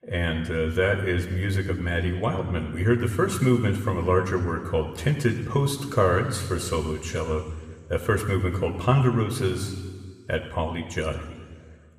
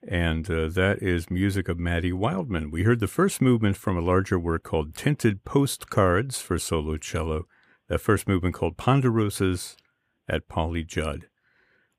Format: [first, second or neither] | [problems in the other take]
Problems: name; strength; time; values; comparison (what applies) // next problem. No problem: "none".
second | room echo; slight; dies away in 1.8 s